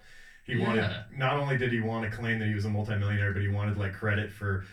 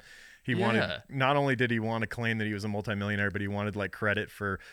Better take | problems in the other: second | off-mic speech; far // room echo; very slight; dies away in 0.3 s

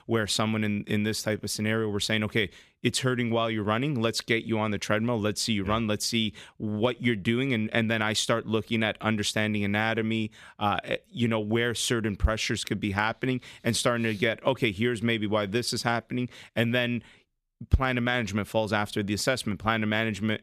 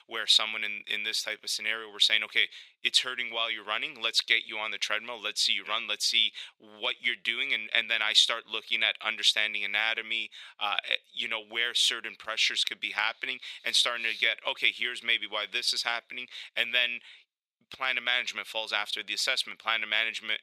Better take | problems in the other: first | thin; very; fading below 750 Hz

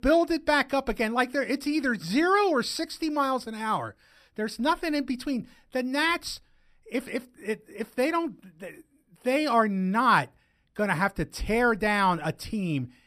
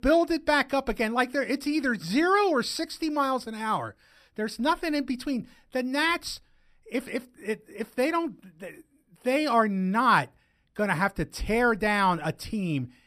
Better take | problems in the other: neither | none

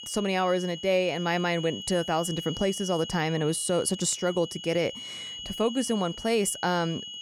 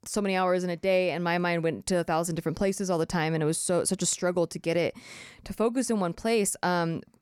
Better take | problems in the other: second | high-pitched whine; loud; throughout; 3 kHz, 10 dB below the speech

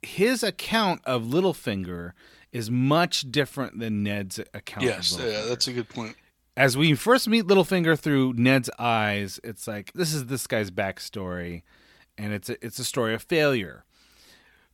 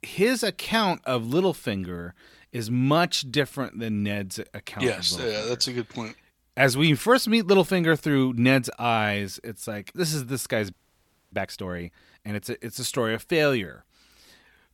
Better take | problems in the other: first | audio freezing; at 11 s for 0.5 s

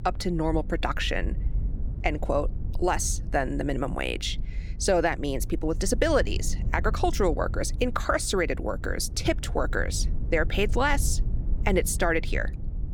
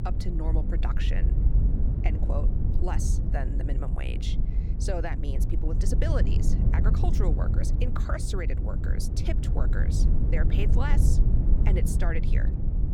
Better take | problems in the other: first | low rumble; loud; throughout; 4 dB below the speech; faint in the first

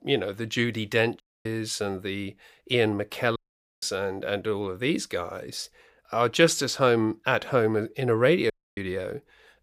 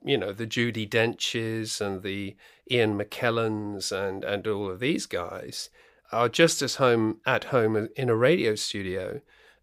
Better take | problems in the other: second | audio cutting out; at 1 s, at 3.5 s and at 8.5 s

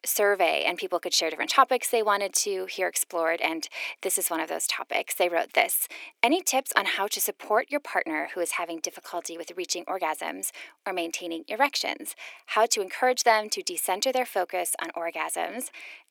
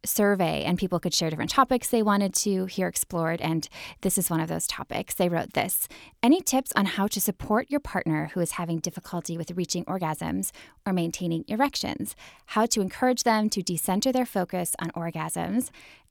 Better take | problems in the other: second | thin; very; fading below 350 Hz

